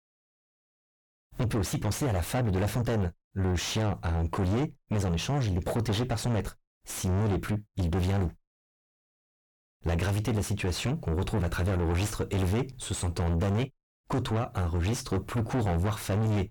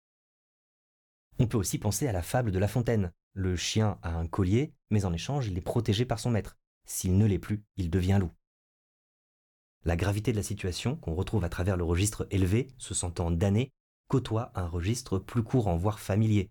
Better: second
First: distortion; heavy; 6 dB below the speech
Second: none

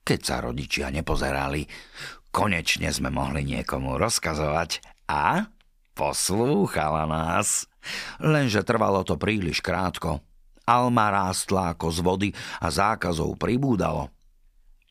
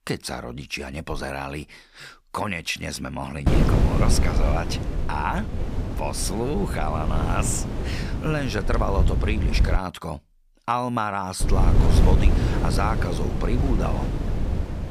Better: first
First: none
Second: wind noise on the microphone; heavy; from 3.5 to 10 s and from 11 s on; 5 dB below the speech

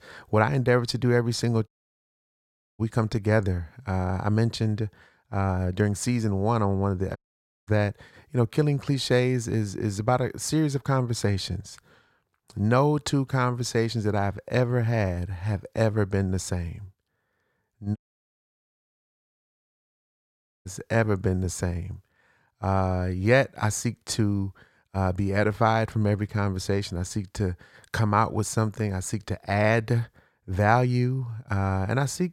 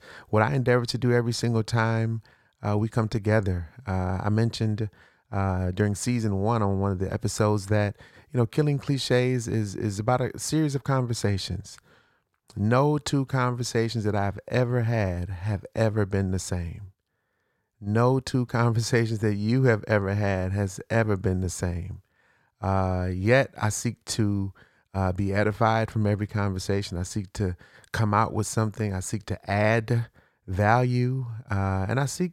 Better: second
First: audio cutting out; at 1.5 s for 1 s, at 7 s for 0.5 s and at 18 s for 2.5 s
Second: none

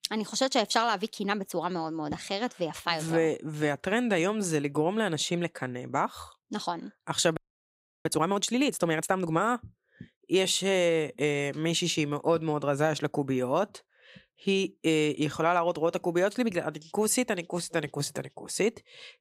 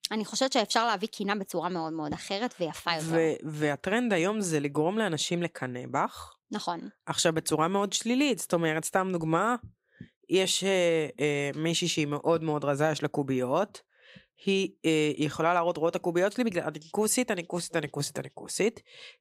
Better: second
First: audio freezing; at 7.5 s for 0.5 s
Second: none

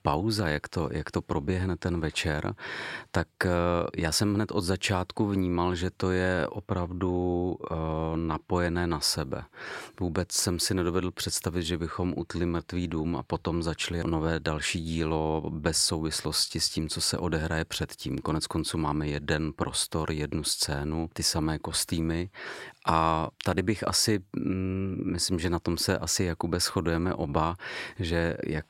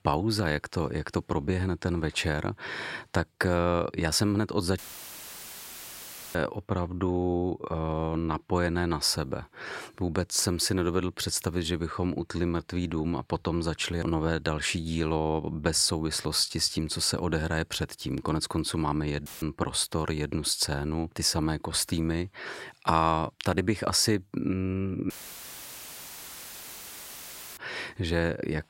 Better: first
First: none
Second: audio cutting out; filled with static; at 5 s for 1.5 s, at 19 s and at 25 s for 2.5 s

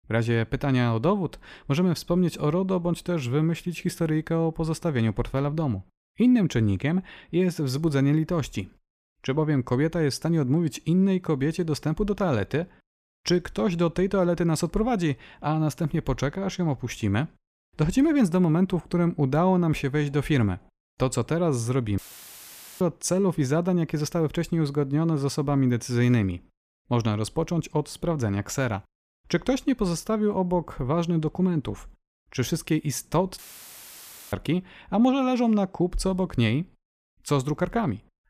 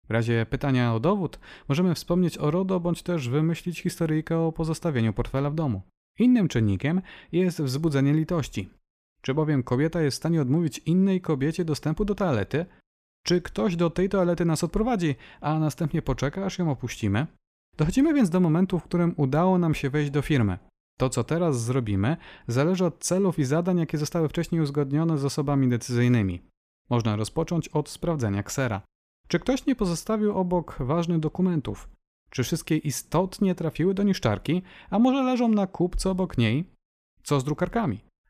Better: second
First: audio cutting out; filled with static; at 22 s for 1 s and at 33 s for 1 s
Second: none

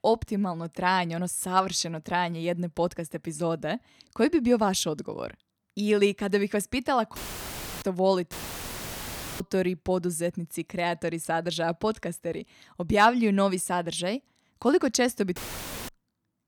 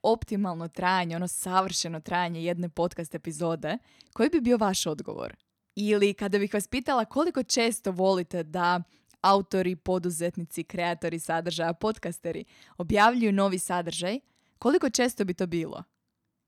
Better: second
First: audio cutting out; filled with static; at 7 s for 0.5 s, at 8.5 s for 1 s and at 15 s for 0.5 s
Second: none

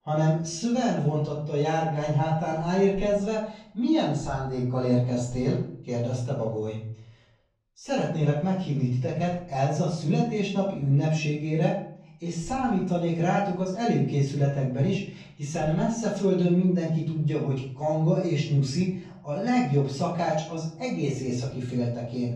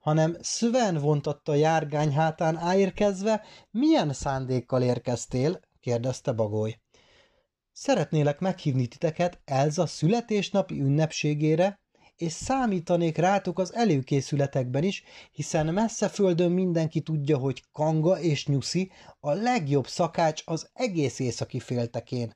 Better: second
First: off-mic speech; far // room echo; noticeable; dies away in 0.6 s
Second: none

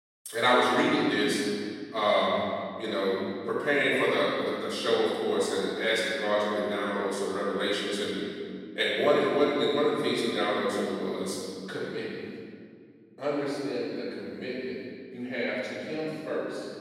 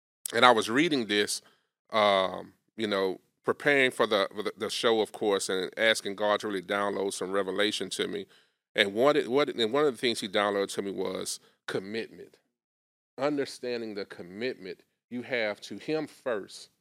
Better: second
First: off-mic speech; far // room echo; strong; dies away in 1.9 s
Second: none

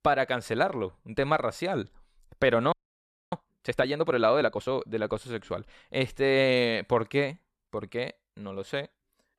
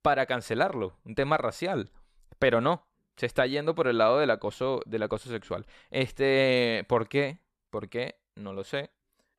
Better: second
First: audio freezing; at 2.5 s for 0.5 s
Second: none

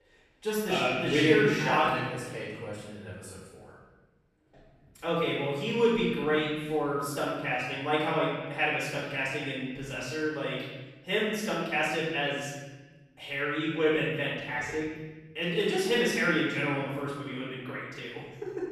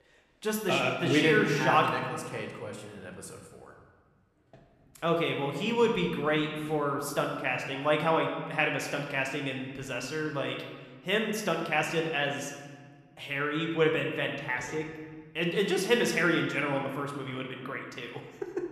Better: second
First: room echo; strong; dies away in 1.3 s // off-mic speech; far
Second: room echo; slight; dies away in 1.3 s

